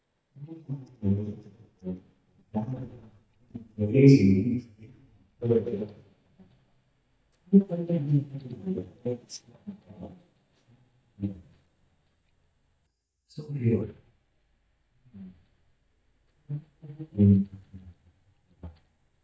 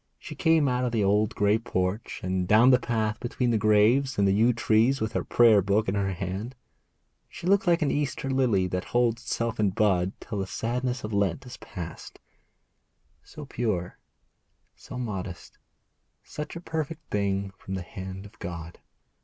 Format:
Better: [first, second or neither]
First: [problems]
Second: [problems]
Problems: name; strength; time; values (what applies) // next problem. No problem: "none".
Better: second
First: noise reduction (neural mask model DeepFilterNet 3)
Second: none